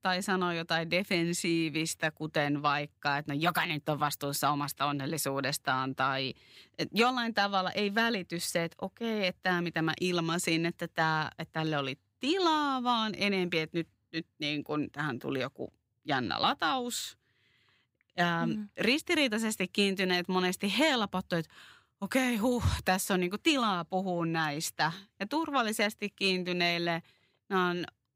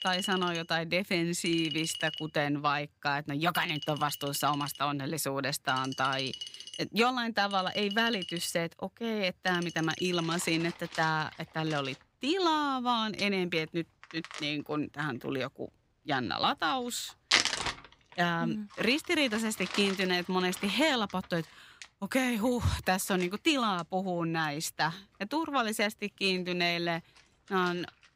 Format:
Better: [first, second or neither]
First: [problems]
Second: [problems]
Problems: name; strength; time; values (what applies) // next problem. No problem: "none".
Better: first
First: none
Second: household noises; loud; throughout; 7 dB below the speech